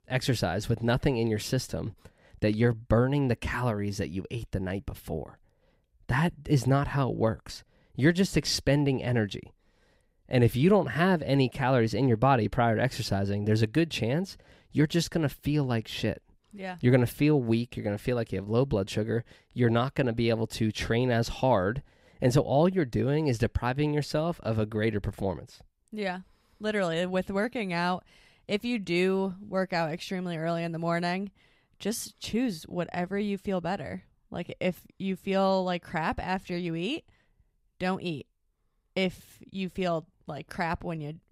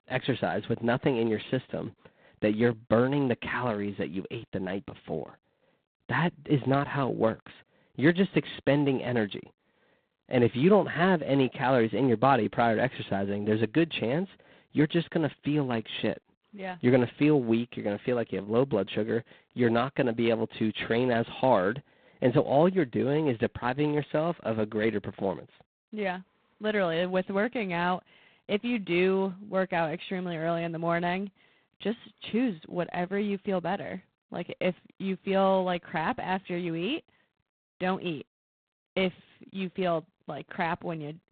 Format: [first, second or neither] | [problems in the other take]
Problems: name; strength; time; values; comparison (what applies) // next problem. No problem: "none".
first | phone-call audio; poor line; nothing above 4 kHz